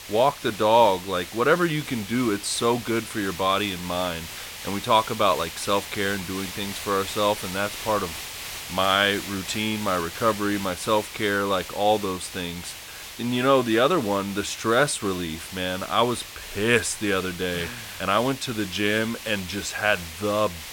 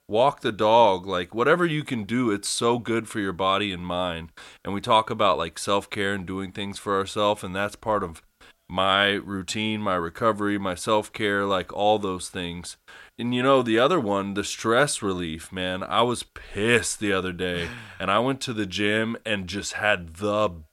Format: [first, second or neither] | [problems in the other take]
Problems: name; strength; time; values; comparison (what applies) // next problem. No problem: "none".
second | hiss; noticeable; throughout; 10 dB below the speech